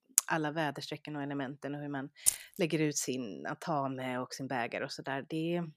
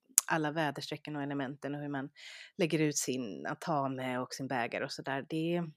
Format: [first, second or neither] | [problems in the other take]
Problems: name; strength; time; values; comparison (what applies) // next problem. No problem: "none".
second | jangling keys; loud; at 2.5 s; peak 5 dB above the speech